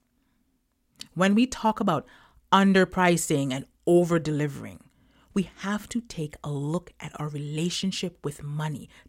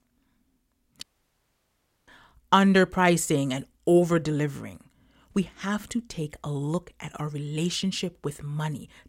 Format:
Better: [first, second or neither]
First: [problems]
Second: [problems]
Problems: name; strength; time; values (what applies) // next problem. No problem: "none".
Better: first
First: none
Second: audio cutting out; at 1 s for 1 s